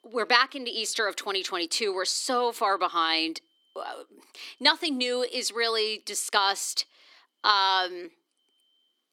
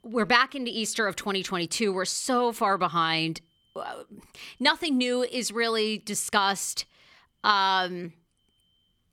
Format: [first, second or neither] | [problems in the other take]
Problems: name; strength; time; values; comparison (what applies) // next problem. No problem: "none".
second | thin; very slightly; fading below 300 Hz